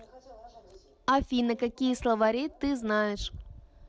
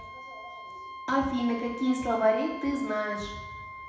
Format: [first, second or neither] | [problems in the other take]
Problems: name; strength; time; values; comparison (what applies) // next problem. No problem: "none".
first | background sound (Wind instrument, woodwind instrument); 12 dB below the speech // room echo; dies away in 0.8 s